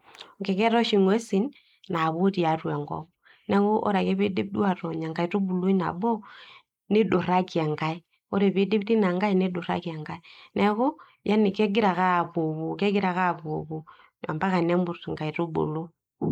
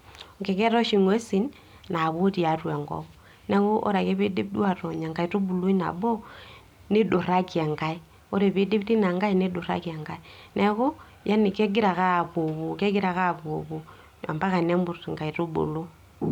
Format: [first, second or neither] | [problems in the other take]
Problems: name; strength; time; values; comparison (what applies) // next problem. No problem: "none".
second | noise reduction (neural mask model Resemble Enhance denoiser)